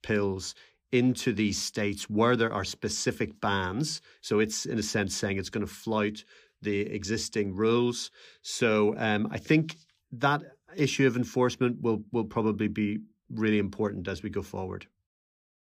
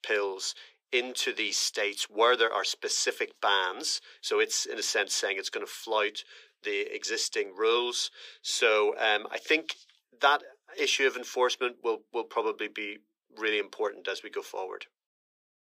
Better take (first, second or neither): first